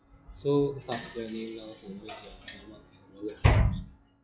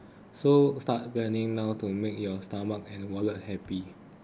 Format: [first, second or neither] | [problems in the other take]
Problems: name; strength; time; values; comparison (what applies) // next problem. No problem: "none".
second | noise reduction (classical method log-MMSE)